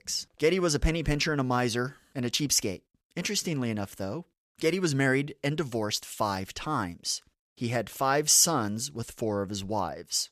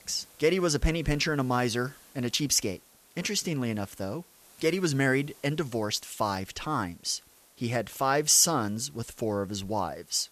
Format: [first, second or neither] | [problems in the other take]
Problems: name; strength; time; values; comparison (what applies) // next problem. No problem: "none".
first | hiss; faint; throughout; 25 dB below the speech